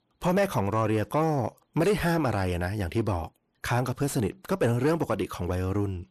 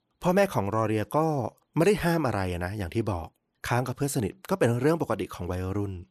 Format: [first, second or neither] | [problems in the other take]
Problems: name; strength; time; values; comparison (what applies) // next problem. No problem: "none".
second | distortion; slight; 10 dB below the speech